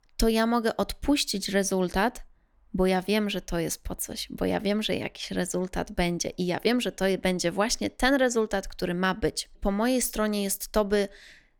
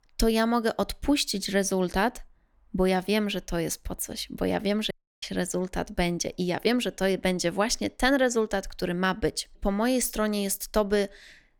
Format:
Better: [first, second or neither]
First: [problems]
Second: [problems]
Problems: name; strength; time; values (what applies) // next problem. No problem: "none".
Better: first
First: none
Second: audio cutting out; at 5 s